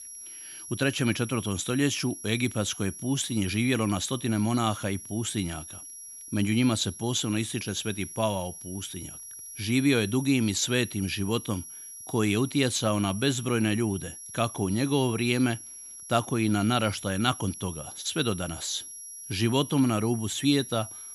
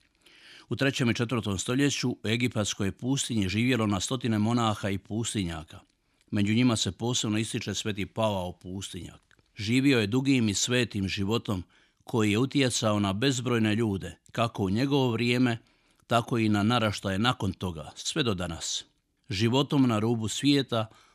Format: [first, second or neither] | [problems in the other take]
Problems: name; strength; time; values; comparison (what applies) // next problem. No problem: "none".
second | high-pitched whine; noticeable; throughout; 11 kHz, 10 dB below the speech